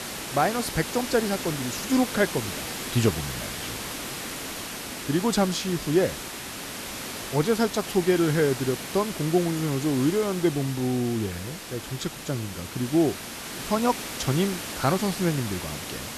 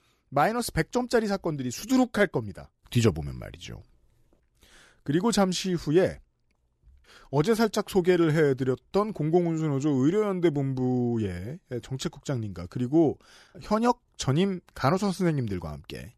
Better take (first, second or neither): second